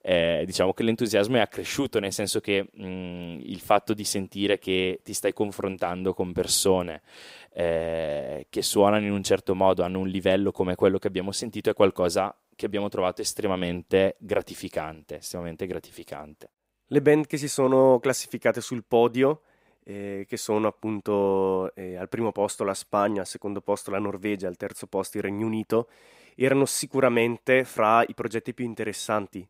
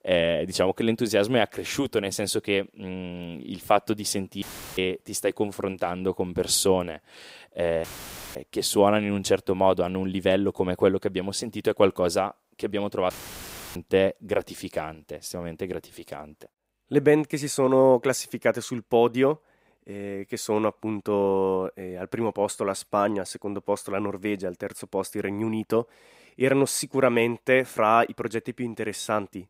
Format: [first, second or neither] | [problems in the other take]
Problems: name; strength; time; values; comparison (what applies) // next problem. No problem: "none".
first | audio cutting out; filled with static; at 4.5 s, at 8 s for 0.5 s and at 13 s for 0.5 s